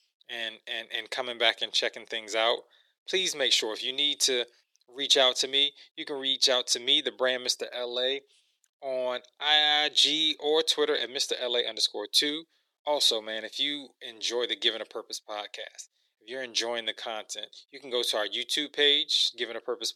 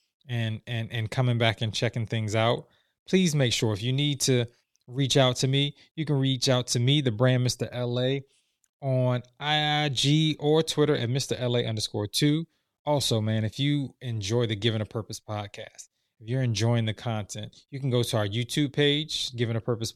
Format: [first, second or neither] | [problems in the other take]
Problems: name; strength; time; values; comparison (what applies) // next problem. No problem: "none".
second | thin; very; fading below 400 Hz